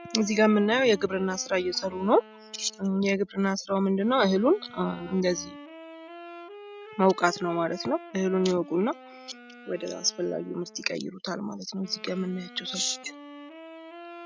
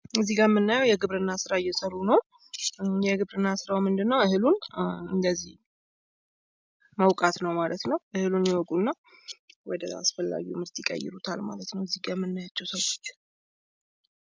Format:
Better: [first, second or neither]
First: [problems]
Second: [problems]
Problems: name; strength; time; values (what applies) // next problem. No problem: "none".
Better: second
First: background sound (Wind instrument, woodwind instrument); 18 dB below the speech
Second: none